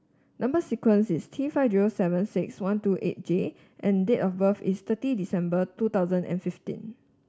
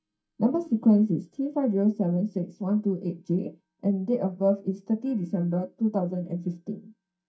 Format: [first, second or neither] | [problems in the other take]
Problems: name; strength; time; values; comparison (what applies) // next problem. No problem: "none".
first | noise reduction (neural mask model DeepFilterNet 3)